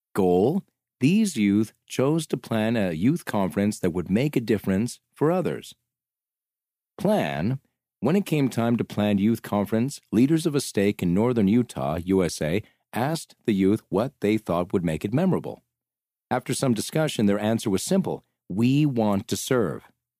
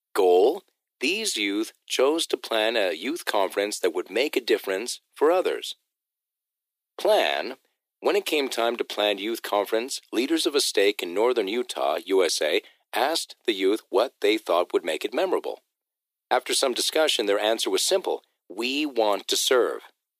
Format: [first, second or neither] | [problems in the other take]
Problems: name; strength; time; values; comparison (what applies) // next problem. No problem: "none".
first | thin; very; fading below 350 Hz